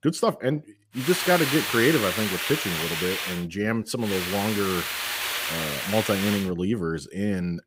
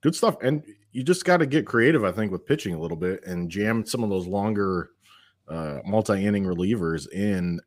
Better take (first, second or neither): second